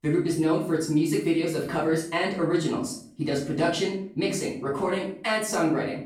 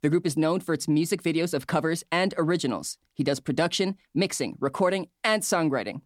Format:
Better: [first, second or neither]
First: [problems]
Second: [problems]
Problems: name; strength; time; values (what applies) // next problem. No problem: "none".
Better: second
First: off-mic speech; far // room echo; noticeable; dies away in 0.5 s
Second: none